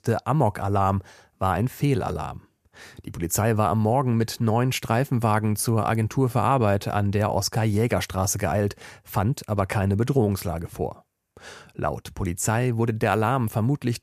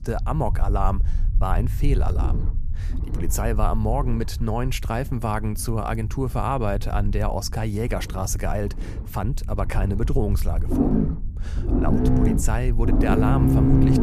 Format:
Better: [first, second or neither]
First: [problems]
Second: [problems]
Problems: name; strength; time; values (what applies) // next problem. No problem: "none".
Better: first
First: none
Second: low rumble; loud; throughout; 1 dB below the speech